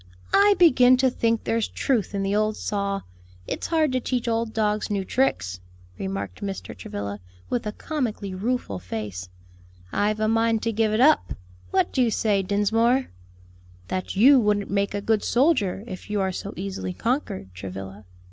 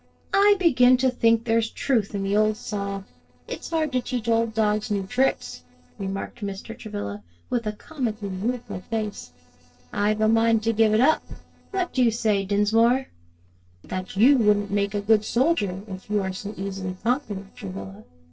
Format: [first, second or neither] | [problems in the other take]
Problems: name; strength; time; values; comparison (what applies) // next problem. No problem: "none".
first | noise reduction (neural separator model SepFormer DNS4)